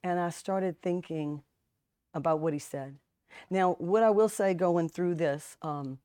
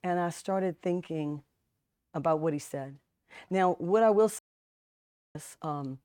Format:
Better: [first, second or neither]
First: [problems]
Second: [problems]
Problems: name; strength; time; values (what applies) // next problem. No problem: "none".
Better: first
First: none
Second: audio cutting out; at 4.5 s for 1 s